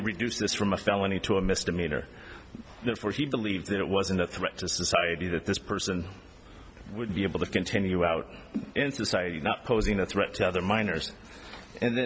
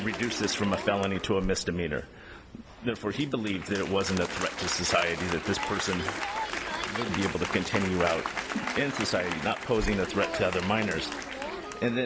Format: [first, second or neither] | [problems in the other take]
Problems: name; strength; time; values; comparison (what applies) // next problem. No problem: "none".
first | background sound (Applause); 6 dB below the speech